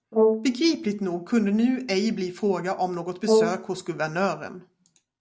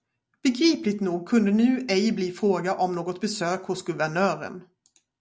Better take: second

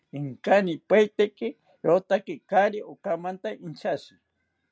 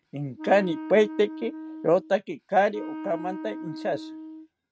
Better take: first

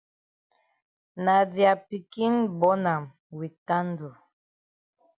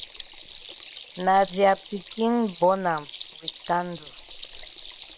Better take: first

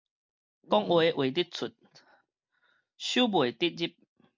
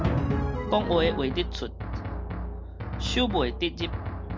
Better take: first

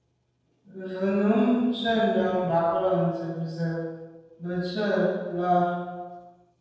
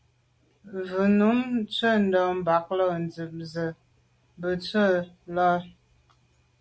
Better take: second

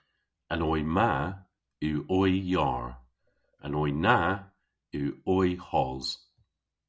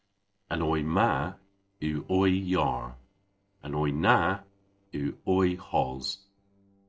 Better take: first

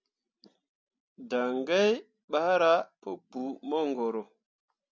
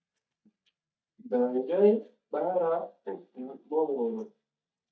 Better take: first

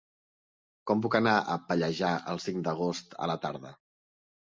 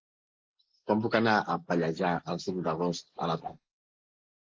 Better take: first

